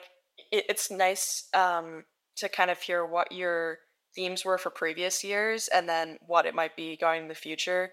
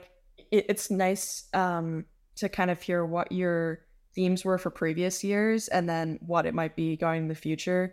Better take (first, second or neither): second